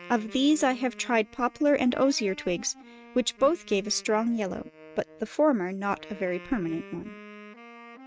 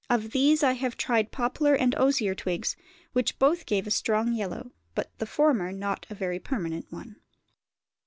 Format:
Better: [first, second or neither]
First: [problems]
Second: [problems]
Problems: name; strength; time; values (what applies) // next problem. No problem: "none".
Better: second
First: noise reduction (neural mask model RNNoise)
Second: none